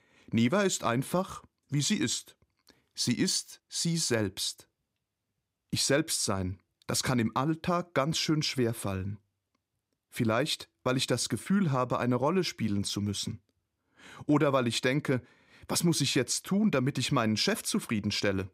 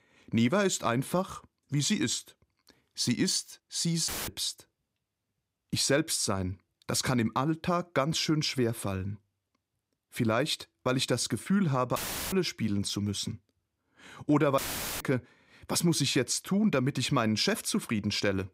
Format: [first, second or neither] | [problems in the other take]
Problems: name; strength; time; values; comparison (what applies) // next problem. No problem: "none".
first | audio cutting out; filled with static; at 4 s, at 12 s and at 15 s